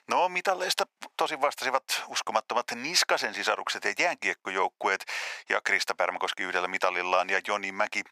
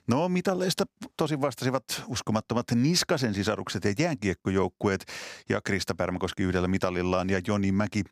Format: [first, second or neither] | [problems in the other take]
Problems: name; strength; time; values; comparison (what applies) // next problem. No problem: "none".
second | thin; very; fading below 700 Hz